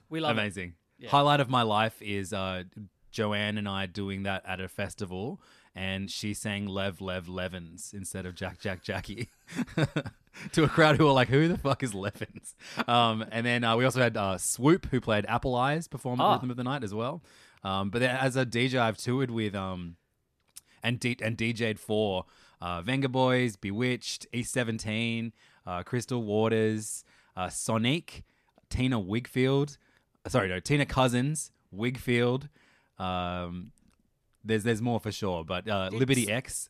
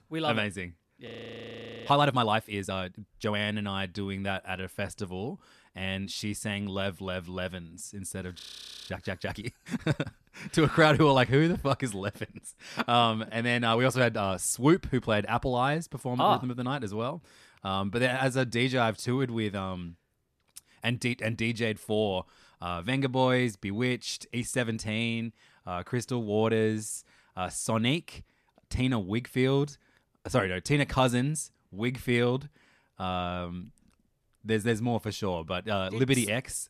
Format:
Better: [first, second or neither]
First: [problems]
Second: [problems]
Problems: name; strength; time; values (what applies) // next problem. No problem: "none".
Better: first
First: none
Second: audio freezing; at 1 s for 1 s and at 8.5 s for 0.5 s